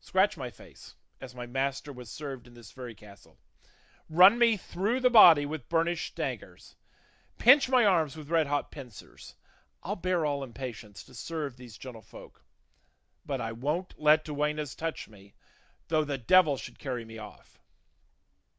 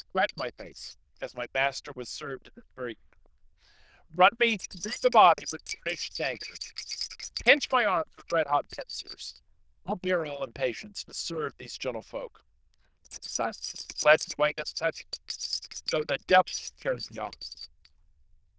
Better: first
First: none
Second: noise reduction (neural diffusion model UNIVERSE++)

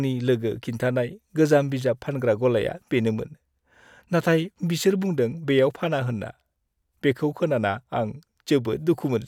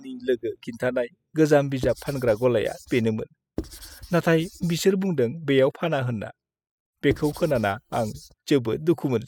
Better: first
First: none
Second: noise reduction (classical method spectral subtraction)

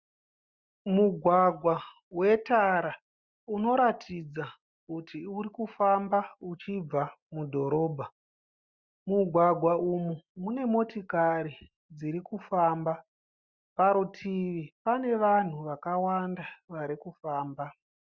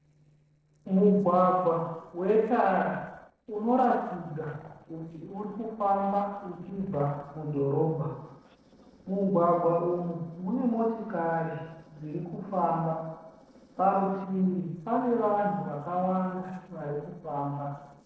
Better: first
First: none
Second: noise reduction (neural separator model SepFormer DNS4)

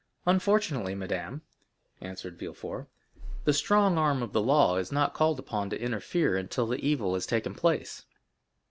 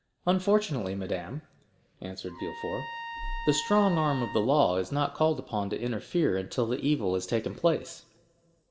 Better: first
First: none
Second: background sound (Trumpet); 12 dB below the speech // room echo; dies away in 0.9 s

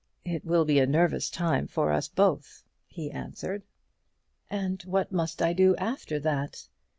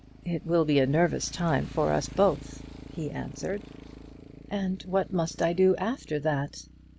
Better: first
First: none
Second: background sound (Motorcycle); 16 dB below the speech

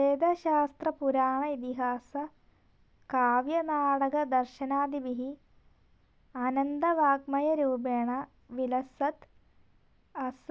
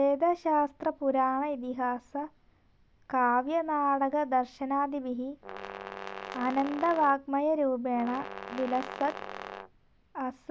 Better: first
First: none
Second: background sound (Brass instrument); 12 dB below the speech

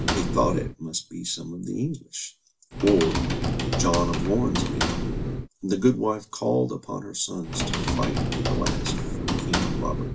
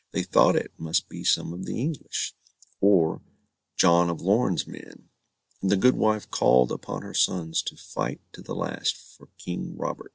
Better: second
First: background sound (Typing); as loud as the speech // room echo; dies away in 0.2 s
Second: none

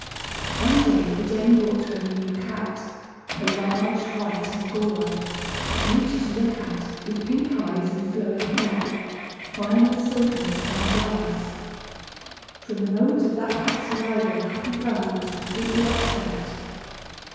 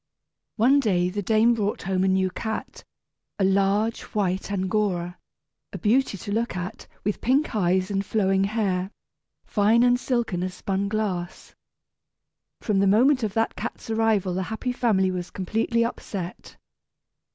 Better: second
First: background sound (Accelerating, revving, vroom / Mechanisms); 7 dB below the speech // room echo; dies away in 1.9 s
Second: none

